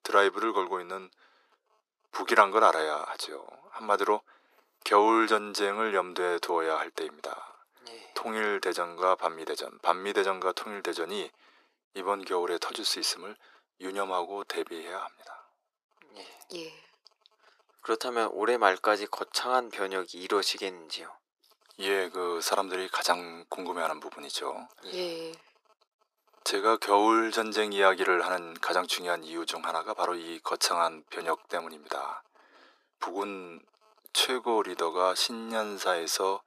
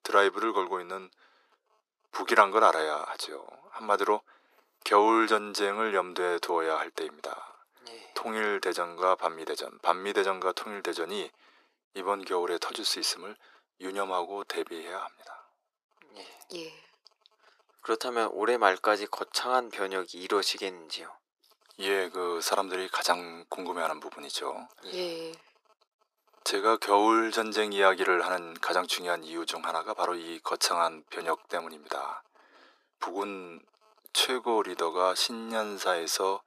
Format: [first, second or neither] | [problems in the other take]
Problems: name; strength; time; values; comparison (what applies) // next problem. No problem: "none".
neither | thin; very; fading below 350 Hz; the same in both